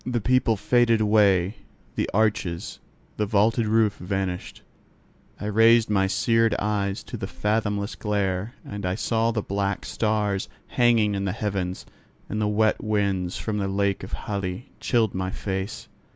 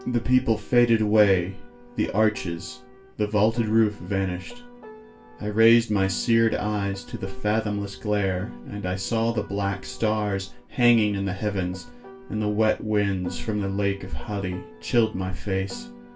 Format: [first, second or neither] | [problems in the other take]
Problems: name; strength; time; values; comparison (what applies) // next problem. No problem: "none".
first | background sound (Piano); 19 dB below the speech // room echo; dies away in 0.2 s